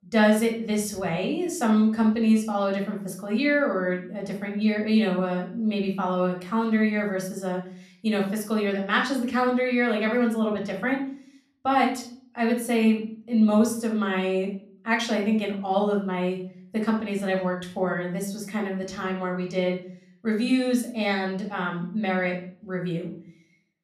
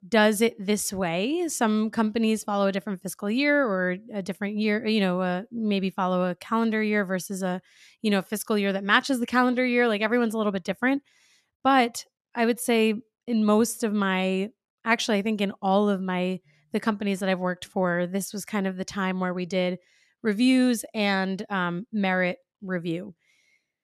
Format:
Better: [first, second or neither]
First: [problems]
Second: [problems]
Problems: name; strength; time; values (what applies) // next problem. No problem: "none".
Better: second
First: off-mic speech; somewhat distant // room echo; slight; dies away in 0.5 s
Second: none